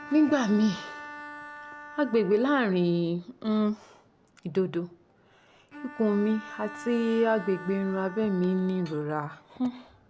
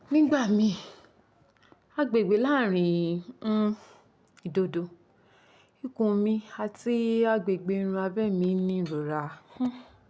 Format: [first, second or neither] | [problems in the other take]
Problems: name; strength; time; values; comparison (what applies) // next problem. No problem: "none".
second | background sound (Bowed string instrument); 17 dB below the speech